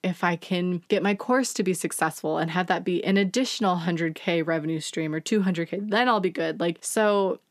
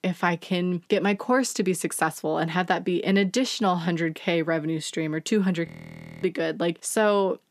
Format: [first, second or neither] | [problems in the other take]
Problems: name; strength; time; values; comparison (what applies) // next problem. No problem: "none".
first | audio freezing; at 5.5 s for 0.5 s